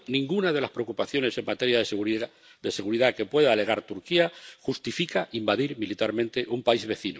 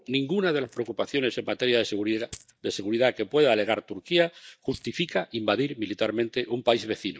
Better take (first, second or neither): first